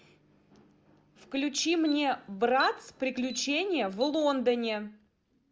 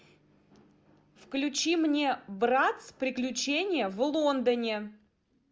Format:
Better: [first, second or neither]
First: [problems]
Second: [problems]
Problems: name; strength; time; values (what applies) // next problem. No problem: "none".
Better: second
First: background sound (Alarm); 18 dB below the speech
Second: none